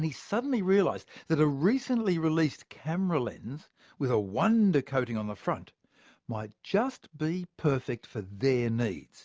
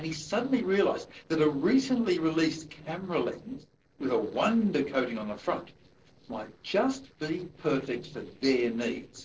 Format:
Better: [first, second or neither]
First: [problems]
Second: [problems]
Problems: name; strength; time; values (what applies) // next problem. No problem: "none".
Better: first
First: none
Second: noise reduction (neural separator model SepFormer DNS4)